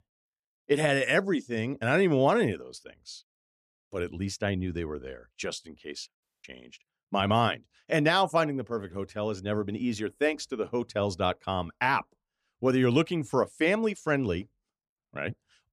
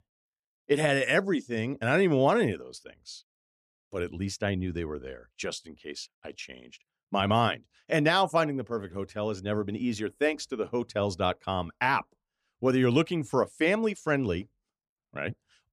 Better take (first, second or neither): second